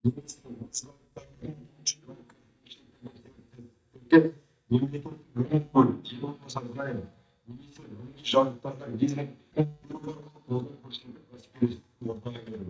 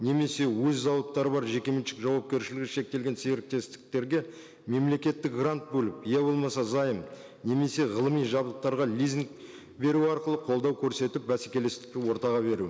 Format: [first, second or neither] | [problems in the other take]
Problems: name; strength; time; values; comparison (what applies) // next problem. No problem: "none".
second | noise reduction (neural mask model DeepFilterNet 3)